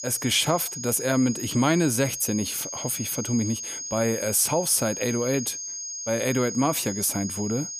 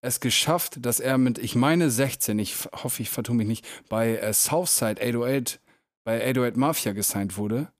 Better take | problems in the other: second | high-pitched whine; loud; throughout; 6.5 kHz, 7 dB below the speech

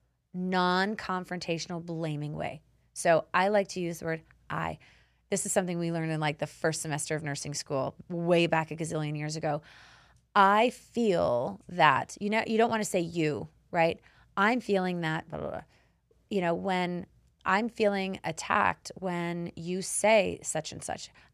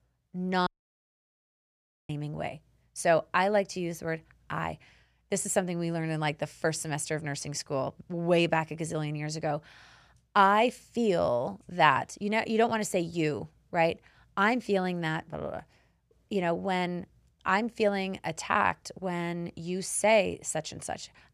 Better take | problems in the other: first | audio cutting out; at 0.5 s for 1.5 s

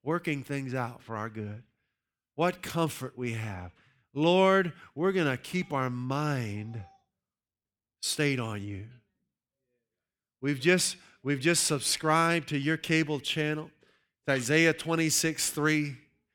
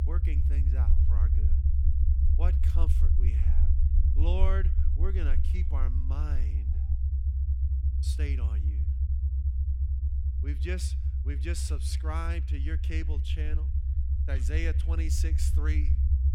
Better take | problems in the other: first | low rumble; loud; throughout; 4 dB below the speech

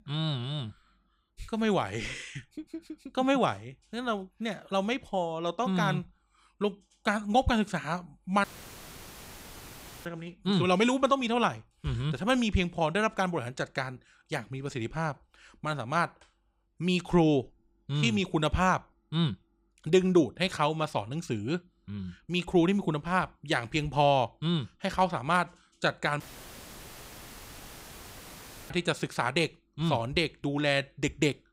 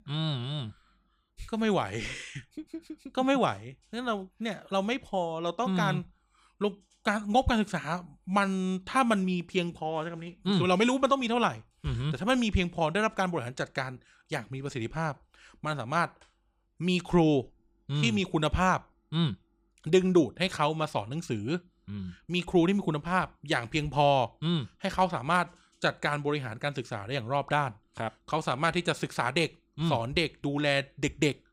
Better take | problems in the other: second | audio cutting out; filled with static; at 8.5 s for 1.5 s and at 26 s for 2.5 s

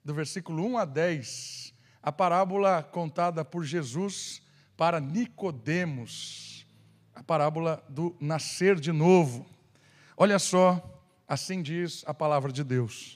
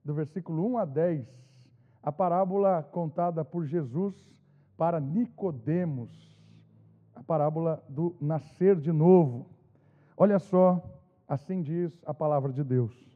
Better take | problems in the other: first | muffled; very; fading above 2 kHz

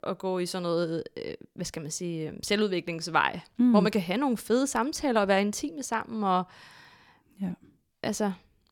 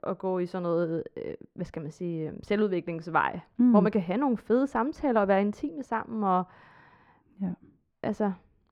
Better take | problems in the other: first | muffled; very; fading above 3 kHz

